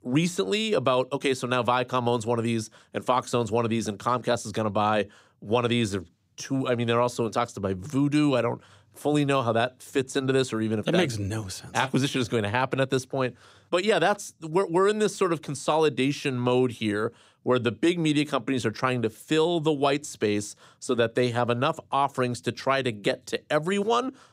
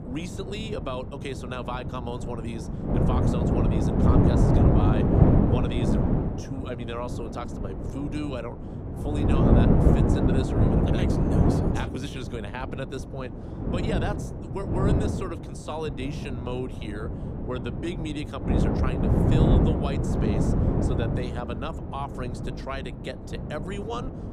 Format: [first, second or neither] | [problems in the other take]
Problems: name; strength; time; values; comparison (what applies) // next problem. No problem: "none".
first | wind noise on the microphone; heavy; 4 dB above the speech